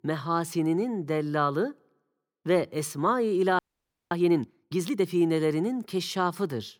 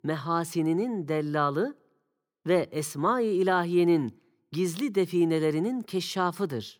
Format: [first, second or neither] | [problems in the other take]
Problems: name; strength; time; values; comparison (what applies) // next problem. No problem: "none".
second | audio freezing; at 3.5 s for 0.5 s